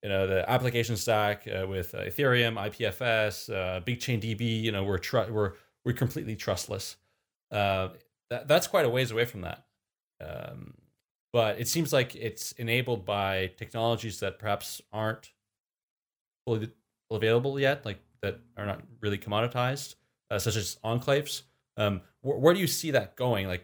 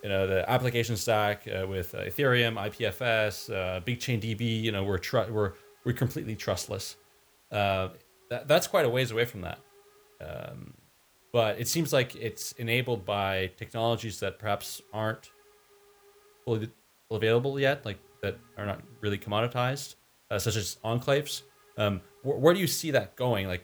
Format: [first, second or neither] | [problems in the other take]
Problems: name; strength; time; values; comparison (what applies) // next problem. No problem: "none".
first | hiss; faint; throughout; 30 dB below the speech